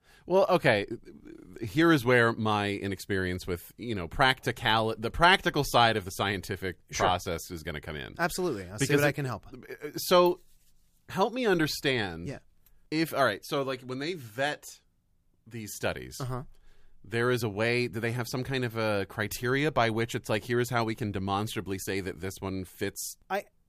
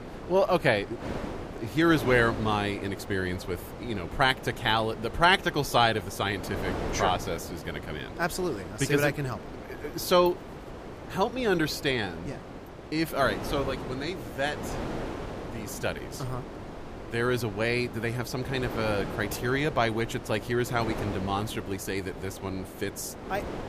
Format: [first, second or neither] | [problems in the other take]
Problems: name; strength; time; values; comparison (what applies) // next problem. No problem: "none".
first | wind noise on the microphone; occasional gusts; 10 dB below the speech